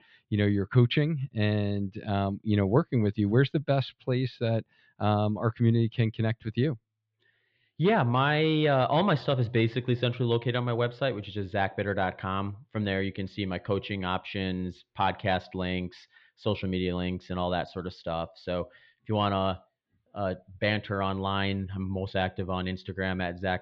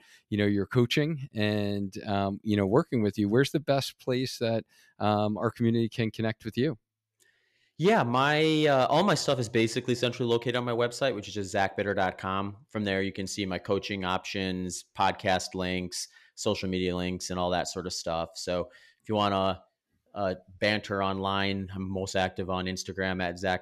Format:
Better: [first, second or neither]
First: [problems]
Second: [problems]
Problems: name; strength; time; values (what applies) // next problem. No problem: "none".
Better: second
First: muffled; slightly; fading above 3.5 kHz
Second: none